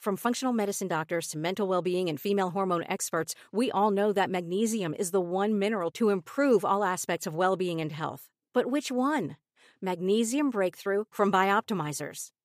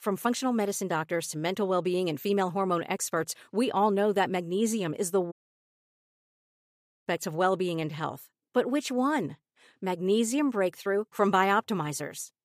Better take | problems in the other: first | audio cutting out; at 5.5 s for 1.5 s

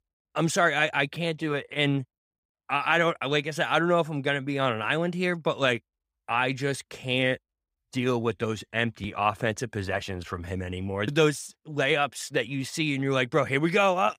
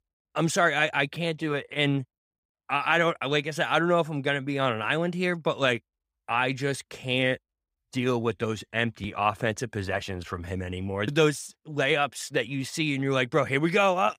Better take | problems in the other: neither | none

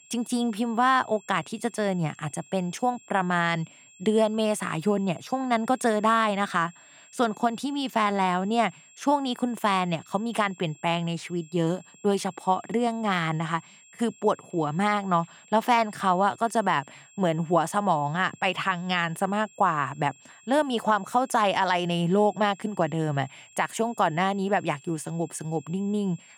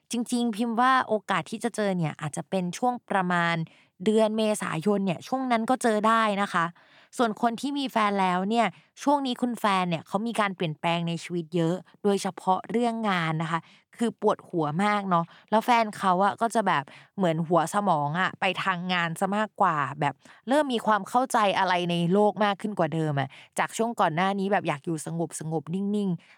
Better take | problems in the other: second | high-pitched whine; faint; throughout; 7.5 kHz, 25 dB below the speech

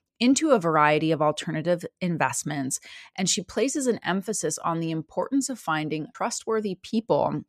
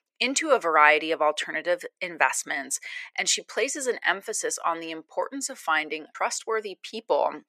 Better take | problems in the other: first | thin; very; fading below 450 Hz

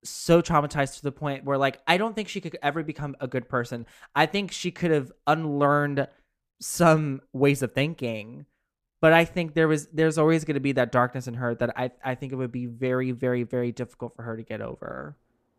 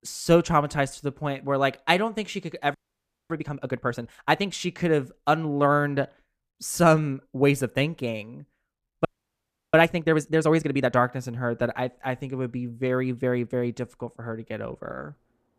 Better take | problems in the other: first | audio freezing; at 2.5 s for 0.5 s and at 9 s for 0.5 s

